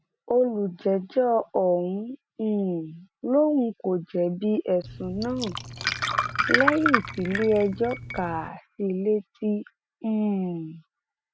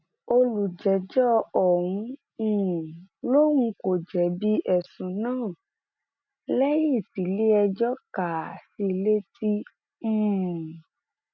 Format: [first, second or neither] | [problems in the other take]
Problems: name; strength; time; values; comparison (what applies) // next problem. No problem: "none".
second | background sound (Glass); 2 dB below the speech